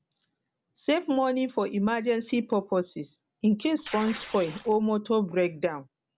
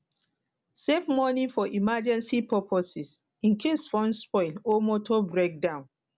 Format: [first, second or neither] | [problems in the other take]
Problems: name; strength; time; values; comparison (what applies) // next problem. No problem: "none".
second | background sound (Tearing); 14 dB below the speech